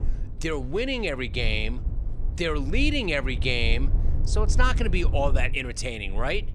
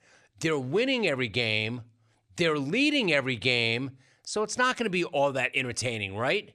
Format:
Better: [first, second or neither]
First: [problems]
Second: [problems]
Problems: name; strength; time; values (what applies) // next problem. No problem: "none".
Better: second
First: low rumble; noticeable; throughout; 20 dB below the speech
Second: none